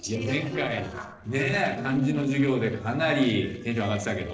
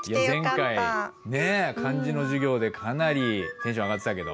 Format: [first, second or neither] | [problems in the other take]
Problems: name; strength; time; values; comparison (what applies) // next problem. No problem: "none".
second | noise reduction (neural separator model SepFormer DNS4)